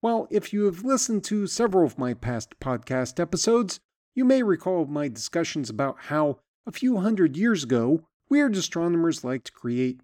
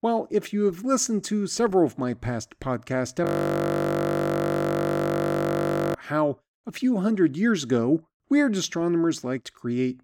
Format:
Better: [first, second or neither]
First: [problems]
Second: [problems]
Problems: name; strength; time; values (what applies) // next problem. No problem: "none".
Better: first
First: none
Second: audio freezing; at 3.5 s for 2.5 s